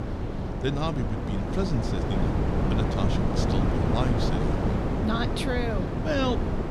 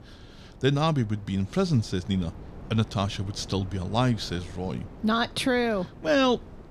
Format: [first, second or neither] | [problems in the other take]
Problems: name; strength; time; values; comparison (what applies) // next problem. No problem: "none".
second | wind noise on the microphone; heavy; 1 dB above the speech; occasional gusts in the second